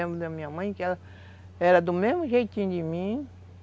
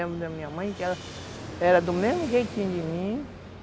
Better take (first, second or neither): first